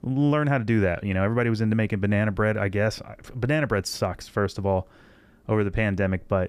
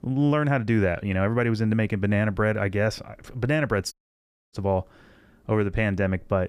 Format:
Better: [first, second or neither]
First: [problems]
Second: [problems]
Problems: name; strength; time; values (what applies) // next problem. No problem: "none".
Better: first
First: none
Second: audio cutting out; at 4 s for 0.5 s